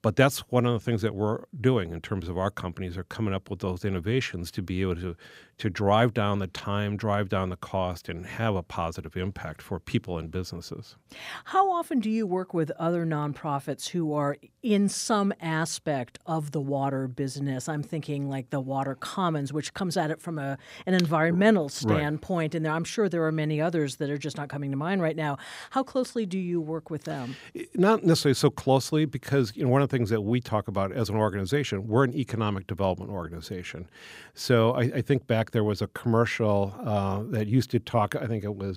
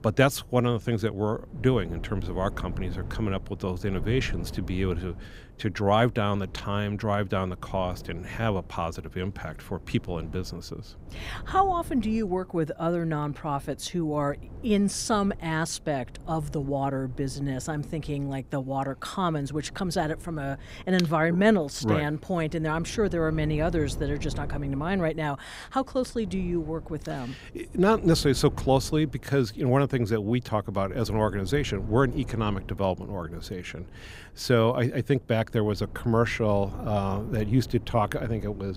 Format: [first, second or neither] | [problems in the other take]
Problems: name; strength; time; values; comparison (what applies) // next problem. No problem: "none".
first | wind noise on the microphone; occasional gusts; 20 dB below the speech